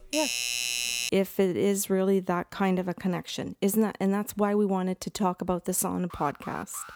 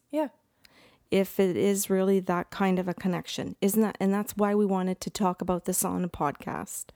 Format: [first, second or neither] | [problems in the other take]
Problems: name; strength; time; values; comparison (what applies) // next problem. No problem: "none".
second | doorbell; loud; until 1 s; peak 1 dB above the speech // alarm; faint; at 6 s; peak 15 dB below the speech